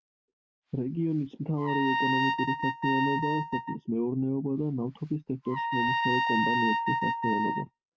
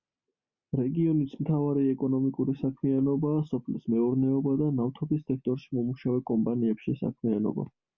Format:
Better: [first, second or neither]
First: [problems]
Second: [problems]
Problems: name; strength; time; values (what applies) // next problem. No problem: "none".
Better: second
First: noise reduction (neural mask model RNNoise)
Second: none